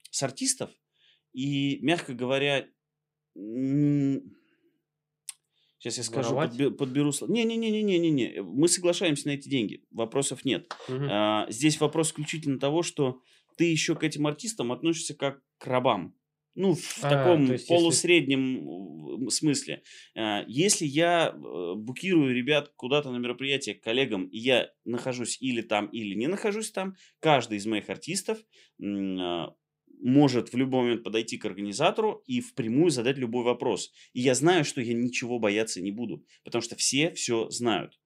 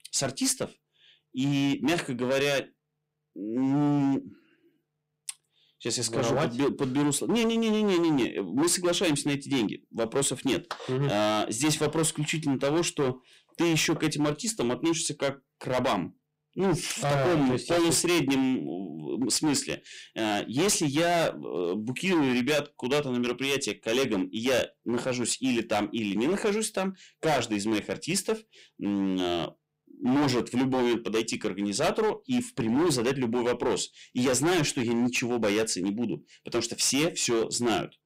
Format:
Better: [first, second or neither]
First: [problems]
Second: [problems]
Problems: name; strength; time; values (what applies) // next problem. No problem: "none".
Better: first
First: none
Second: distortion; heavy; 15% of the sound clipped